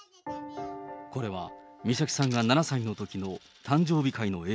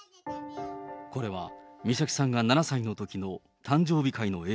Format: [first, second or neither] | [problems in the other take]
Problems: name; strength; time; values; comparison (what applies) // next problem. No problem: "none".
second | background sound (Coin (dropping)); 20 dB below the speech